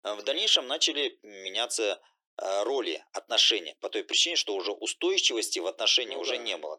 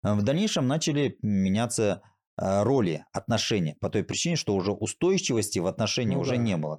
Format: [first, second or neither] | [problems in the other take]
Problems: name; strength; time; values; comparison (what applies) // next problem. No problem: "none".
second | thin; very; fading below 350 Hz